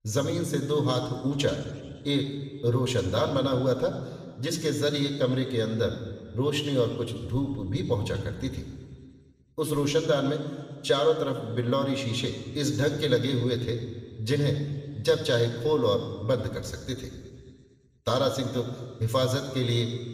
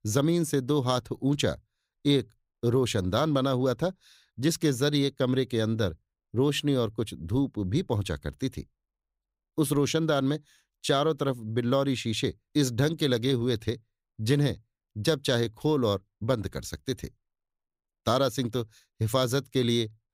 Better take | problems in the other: second | room echo; slight; dies away in 1.7 s // off-mic speech; somewhat distant

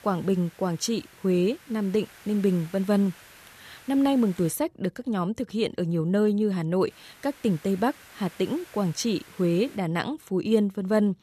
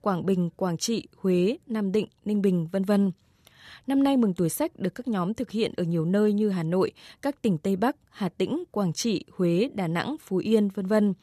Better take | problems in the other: second | hiss; faint; until 4.5 s and from 7 to 10 s; 20 dB below the speech

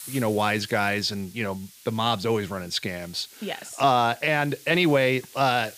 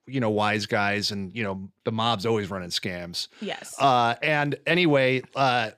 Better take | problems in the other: second | hiss; faint; throughout; 20 dB below the speech

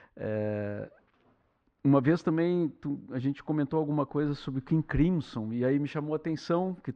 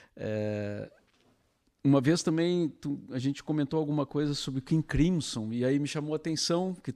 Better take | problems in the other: second | muffled; very; fading above 2 kHz

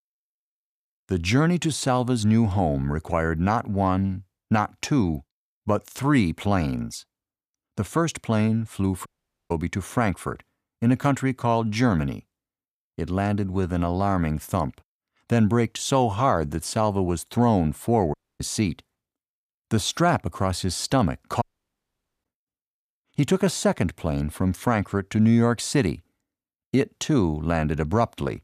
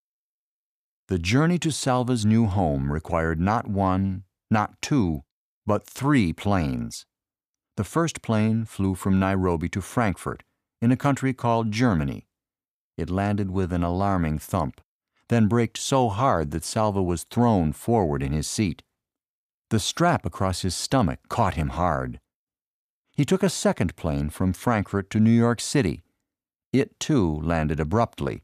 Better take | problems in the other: second | audio cutting out; at 9 s, at 18 s and at 21 s for 1 s

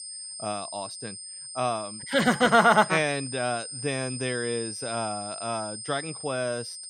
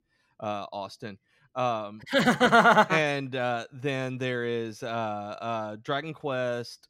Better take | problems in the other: second | high-pitched whine; loud; throughout; 8.5 kHz, 9 dB below the speech

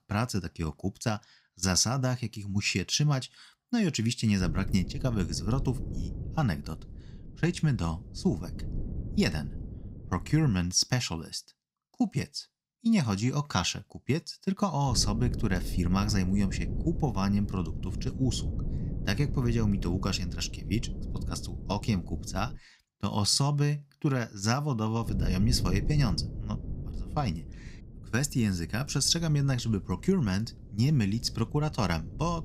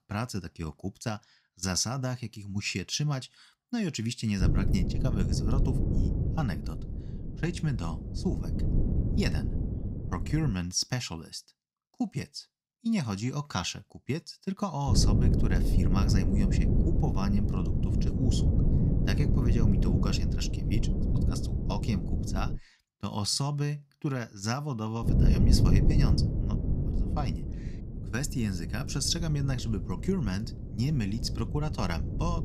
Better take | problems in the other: first | wind noise on the microphone; heavy; from 4.5 to 11 s, from 15 to 23 s and from 25 s on; 4 dB below the speech; occasional gusts in the first

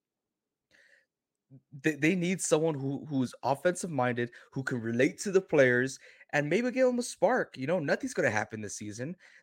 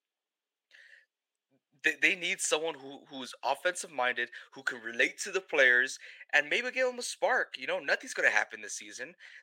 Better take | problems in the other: first | thin; very; fading below 600 Hz

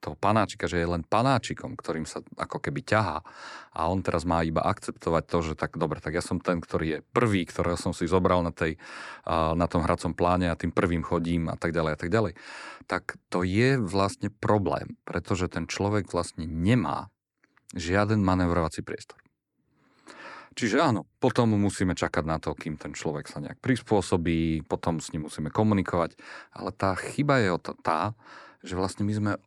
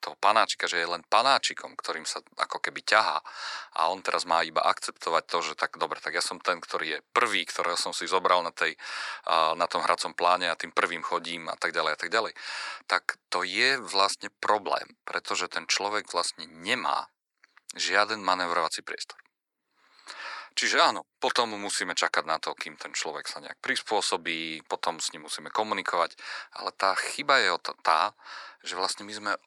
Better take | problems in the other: first | thin; very; fading below 850 Hz

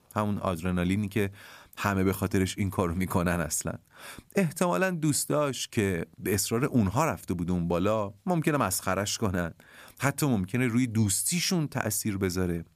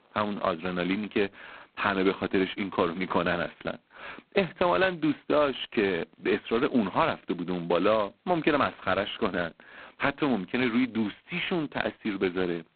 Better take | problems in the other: first | phone-call audio; poor line; nothing above 4 kHz

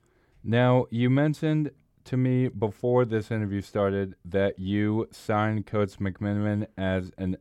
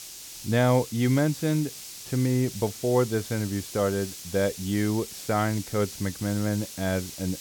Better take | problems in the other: first | hiss; noticeable; throughout; 10 dB below the speech

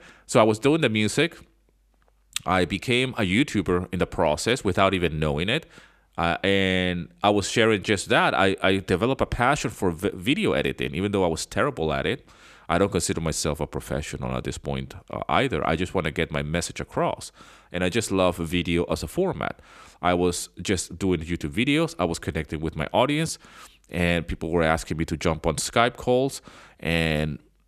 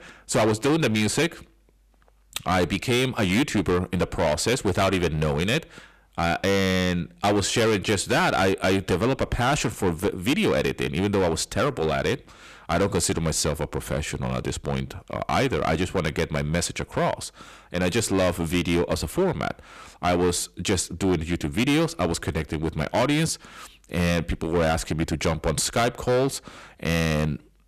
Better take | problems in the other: first | distortion; heavy; 11% of the sound clipped

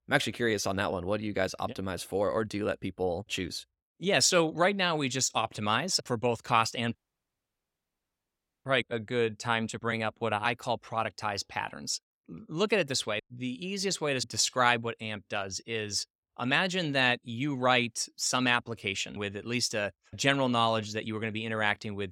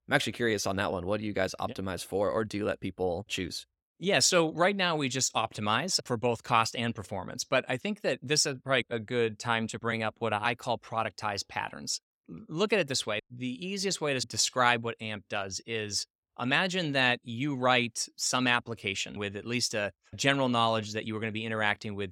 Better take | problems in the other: second | audio cutting out; at 7 s for 1.5 s

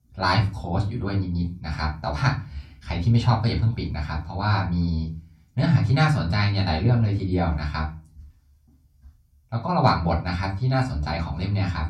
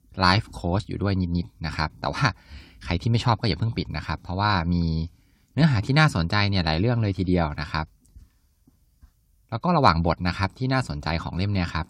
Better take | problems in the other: second | off-mic speech; far // room echo; very slight; dies away in 0.3 s

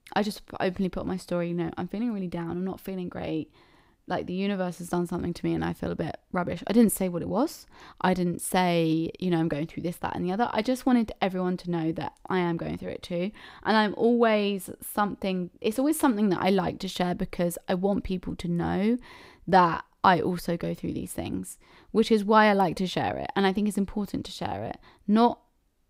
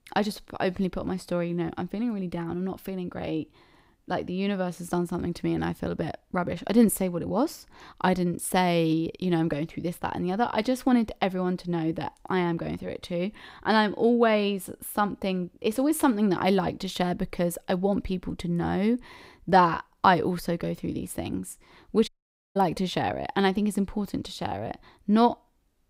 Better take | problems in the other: first | audio cutting out; at 22 s

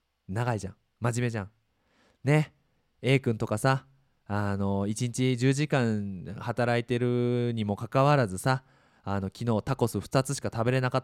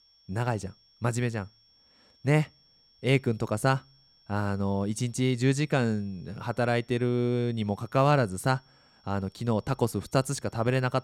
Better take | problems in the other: first | high-pitched whine; faint; throughout; 5.5 kHz, 30 dB below the speech

